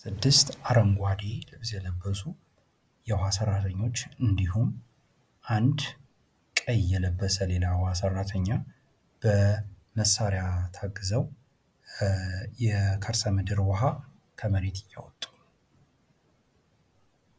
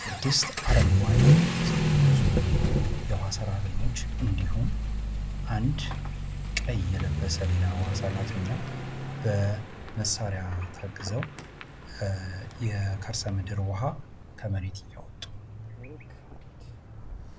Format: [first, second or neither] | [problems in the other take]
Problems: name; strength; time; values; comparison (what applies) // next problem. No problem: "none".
first | background sound (Accelerating, revving, vroom / Vehicle); 4 dB above the speech